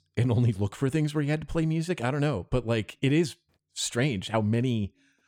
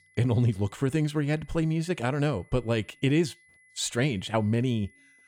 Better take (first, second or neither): first